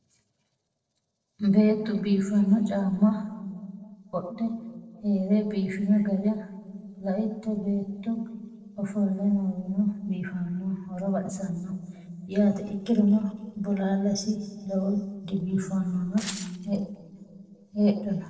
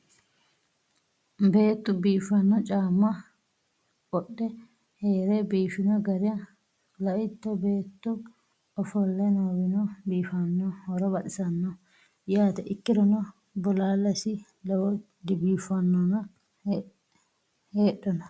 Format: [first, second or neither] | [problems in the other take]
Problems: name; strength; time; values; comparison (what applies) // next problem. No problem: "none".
second | noise reduction (neural separator model SepFormer DNS4)